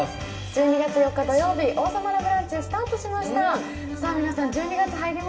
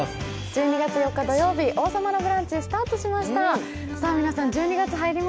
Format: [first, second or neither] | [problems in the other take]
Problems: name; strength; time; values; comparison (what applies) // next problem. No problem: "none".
second | room echo; dies away in 1.5 s